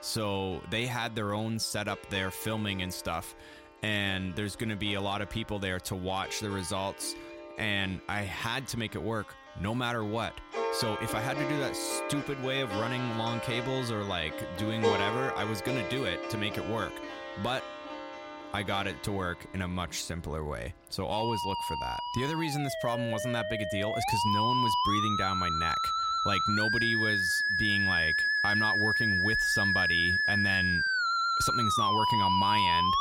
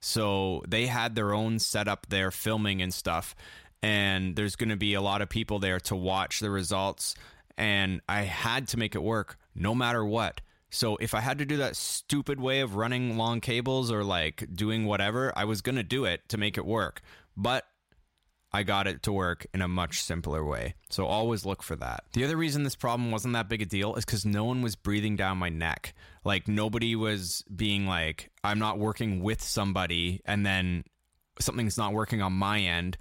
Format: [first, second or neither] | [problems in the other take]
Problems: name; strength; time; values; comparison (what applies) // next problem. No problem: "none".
second | background music; very loud; throughout; 4 dB above the speech